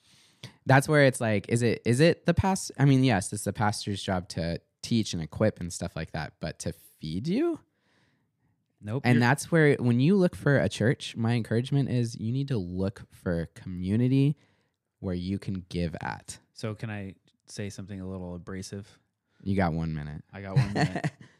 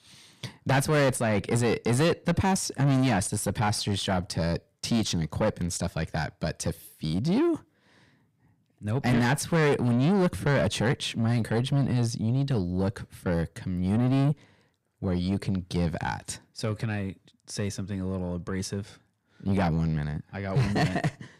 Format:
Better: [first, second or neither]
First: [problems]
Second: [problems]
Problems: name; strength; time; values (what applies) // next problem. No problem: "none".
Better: first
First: none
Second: distortion; heavy; 6 dB below the speech